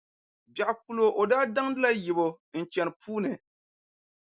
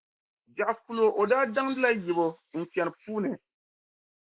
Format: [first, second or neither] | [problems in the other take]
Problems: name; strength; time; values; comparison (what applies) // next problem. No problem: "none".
first | noise reduction (neural mask model Resemble Enhance denoiser)